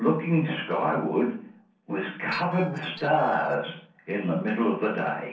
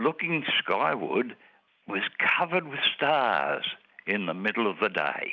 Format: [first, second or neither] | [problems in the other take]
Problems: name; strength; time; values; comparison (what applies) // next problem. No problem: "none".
second | noise reduction (neural separator model SepFormer DNS4)